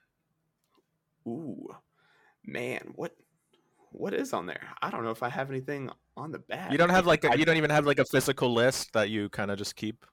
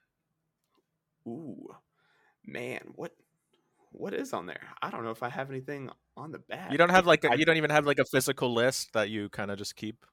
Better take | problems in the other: second | distortion; slight; 10 dB below the speech

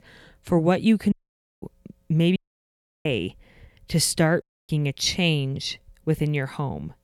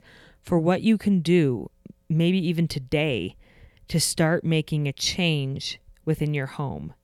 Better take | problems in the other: second | audio cutting out; at 1 s for 0.5 s, at 2.5 s for 0.5 s and at 4.5 s

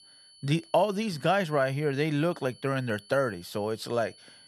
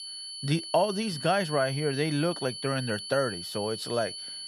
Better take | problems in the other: first | high-pitched whine; loud; throughout; 4.5 kHz, 7 dB below the speech; faint in the first

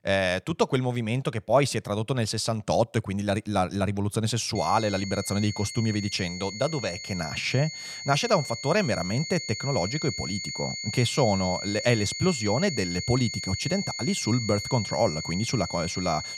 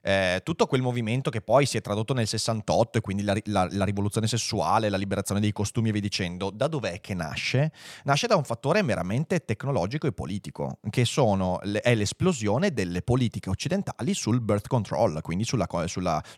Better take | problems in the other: second | high-pitched whine; loud; from 4.5 s on; 4.5 kHz, 6 dB below the speech

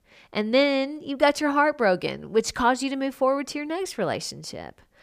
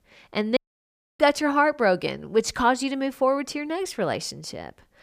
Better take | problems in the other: first | audio cutting out; at 0.5 s for 0.5 s

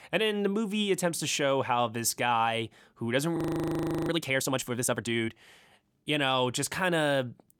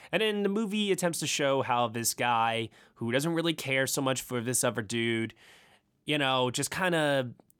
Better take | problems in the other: second | audio freezing; at 3.5 s for 0.5 s

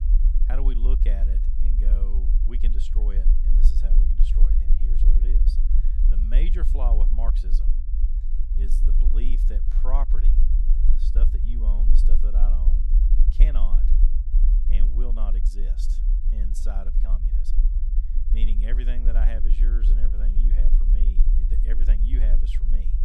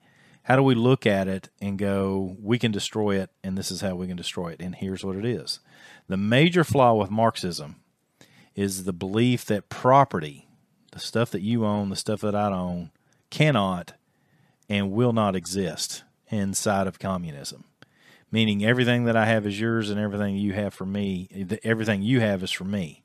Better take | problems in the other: second | low rumble; loud; throughout; 4 dB below the speech

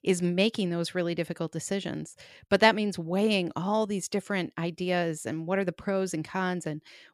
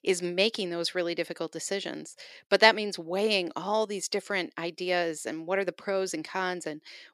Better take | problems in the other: first | thin; somewhat; fading below 350 Hz

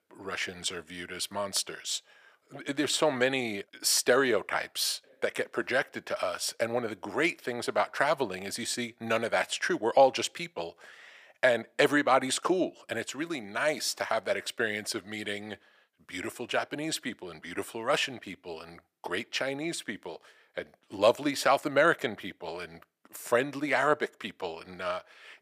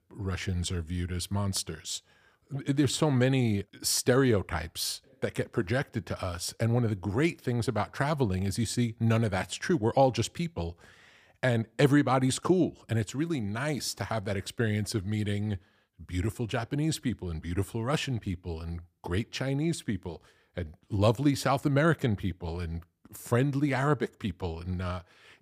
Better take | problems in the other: second | thin; very; fading below 400 Hz

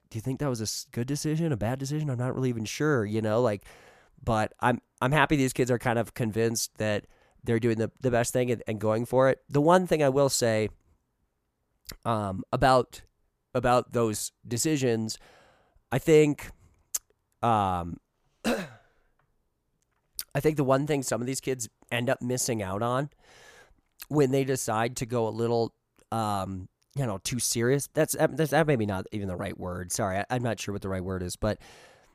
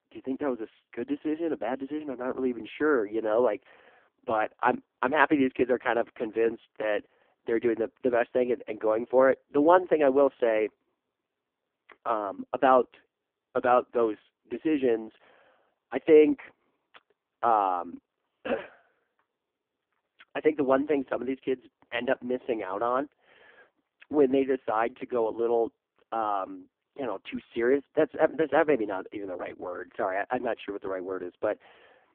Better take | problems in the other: first | phone-call audio; poor line

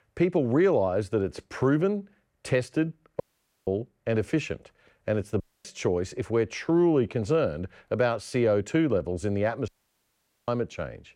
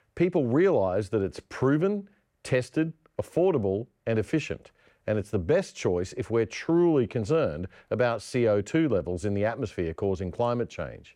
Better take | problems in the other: second | audio cutting out; at 3 s, at 5.5 s and at 9.5 s for 1 s

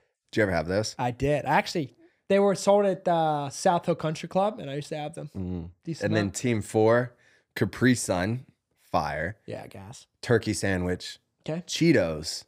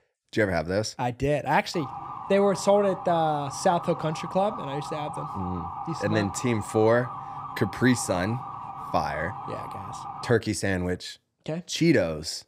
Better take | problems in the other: first | siren; noticeable; from 1.5 to 10 s; peak 9 dB below the speech

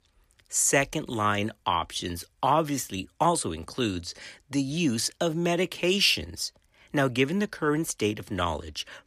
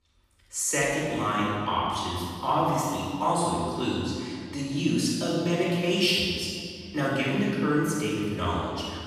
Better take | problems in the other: first | off-mic speech; far // room echo; strong; dies away in 2 s

